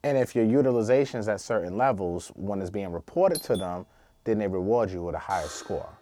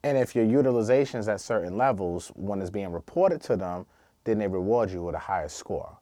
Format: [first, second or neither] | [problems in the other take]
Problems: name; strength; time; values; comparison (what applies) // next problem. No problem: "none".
second | doorbell; noticeable; at 3.5 s; peak 9 dB below the speech // alarm; faint; at 5.5 s; peak 15 dB below the speech